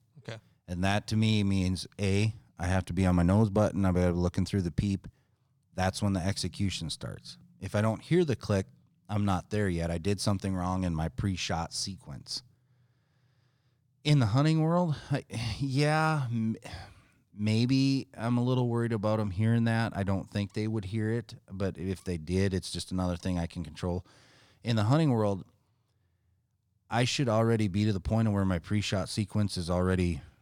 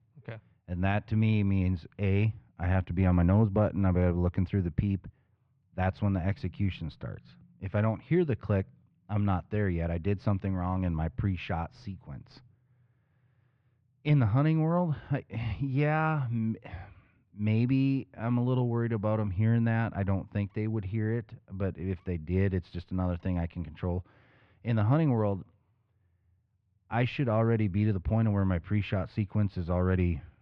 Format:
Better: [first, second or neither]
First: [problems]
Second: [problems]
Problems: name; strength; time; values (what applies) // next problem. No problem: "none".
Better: first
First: none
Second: muffled; very; fading above 2.5 kHz